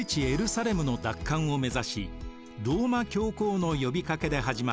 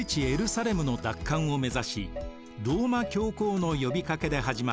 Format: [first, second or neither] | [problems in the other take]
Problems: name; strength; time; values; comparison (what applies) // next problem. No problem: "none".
first | background sound (Motor vehicle (road)); 17 dB below the speech